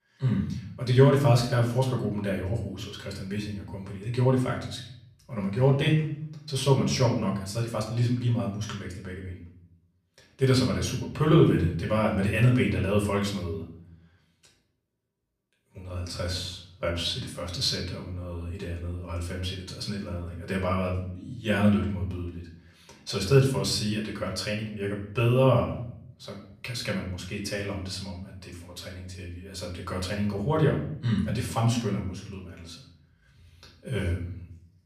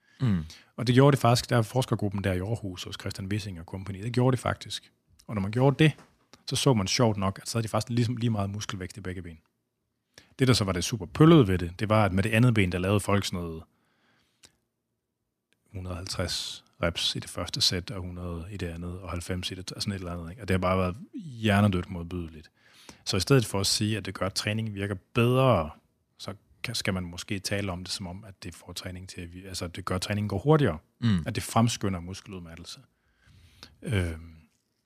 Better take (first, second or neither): second